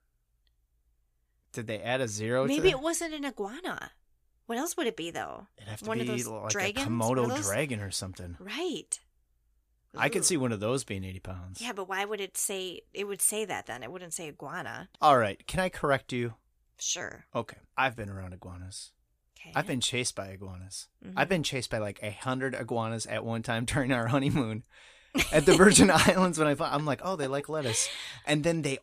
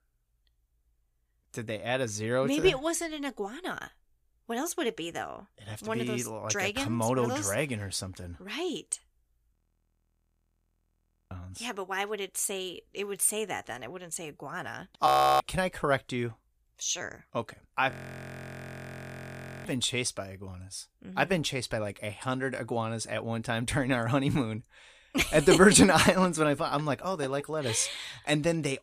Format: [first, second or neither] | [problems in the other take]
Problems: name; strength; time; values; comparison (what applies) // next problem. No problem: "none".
first | audio freezing; at 9.5 s for 2 s, at 15 s and at 18 s for 1.5 s